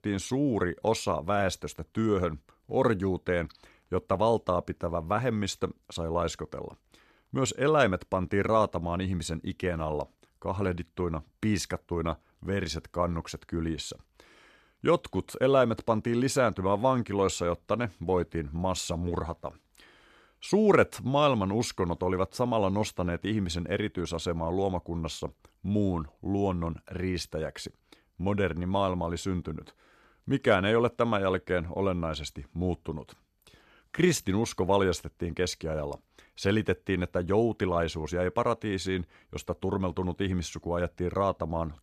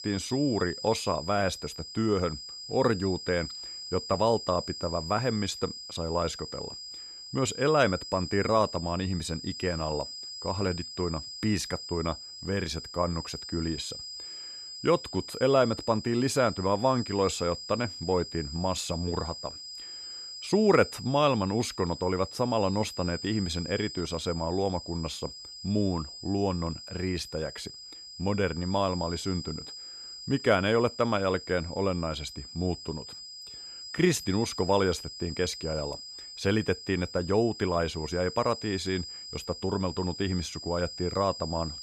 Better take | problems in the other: first | high-pitched whine; loud; throughout; 5 kHz, 10 dB below the speech

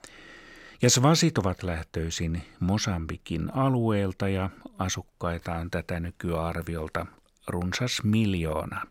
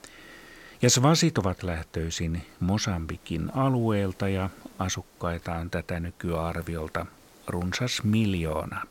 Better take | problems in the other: first | hiss; faint; throughout; 25 dB below the speech

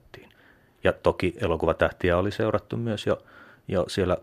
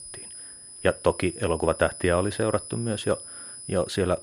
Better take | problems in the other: first | high-pitched whine; noticeable; throughout; 10 kHz, 10 dB below the speech

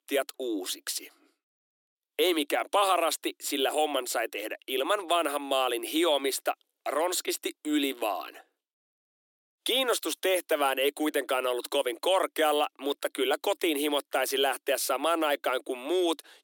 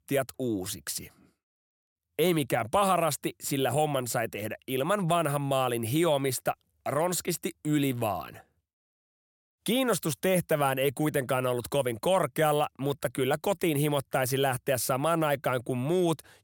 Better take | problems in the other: second | thin; somewhat; fading below 300 Hz

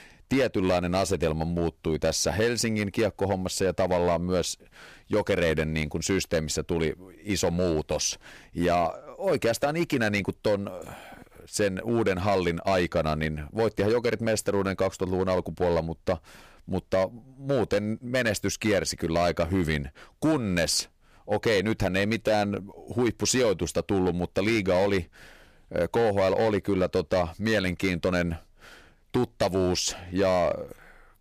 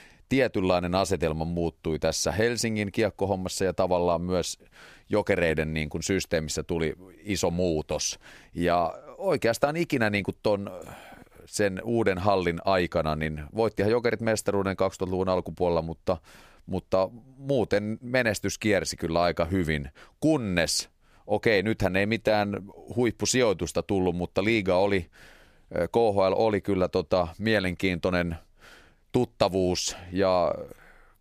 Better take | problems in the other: second | distortion; slight; 6% of the sound clipped

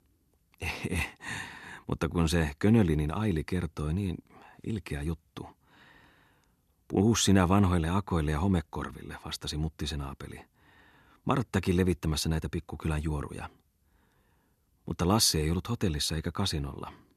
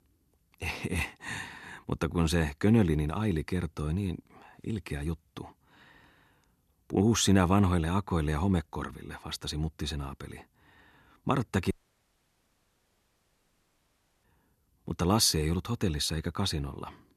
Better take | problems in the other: first | audio cutting out; at 12 s for 2.5 s

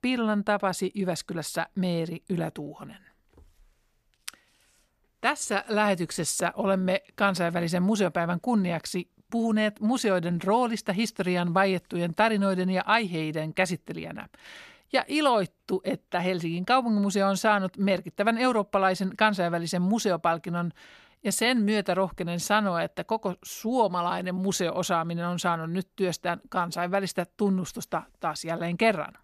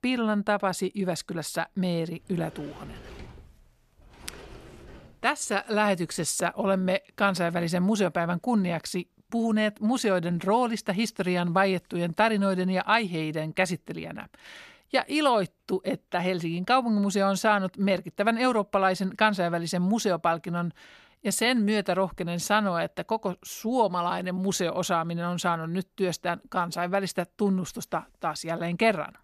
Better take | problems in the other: first | door banging; faint; from 2 to 5 s; peak 20 dB below the speech

